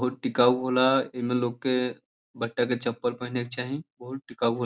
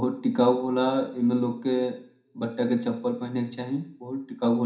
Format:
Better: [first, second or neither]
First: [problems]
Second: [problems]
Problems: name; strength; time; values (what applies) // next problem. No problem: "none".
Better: first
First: none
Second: room echo; dies away in 0.5 s